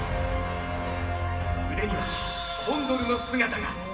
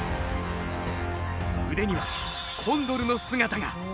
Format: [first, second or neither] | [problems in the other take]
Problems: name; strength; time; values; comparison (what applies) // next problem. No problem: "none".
second | background sound (Wind instrument, woodwind instrument); 11 dB below the speech // room echo; dies away in 1.2 s